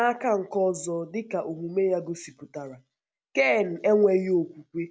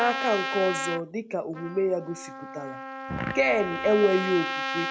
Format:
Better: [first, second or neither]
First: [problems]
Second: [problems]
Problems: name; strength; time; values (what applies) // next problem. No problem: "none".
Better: first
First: none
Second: background sound (Fart + Trumpet); 6 dB below the speech